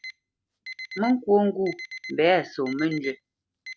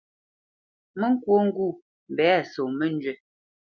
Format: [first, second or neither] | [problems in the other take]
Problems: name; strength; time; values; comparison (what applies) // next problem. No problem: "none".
second | background sound (Alarm); 16 dB below the speech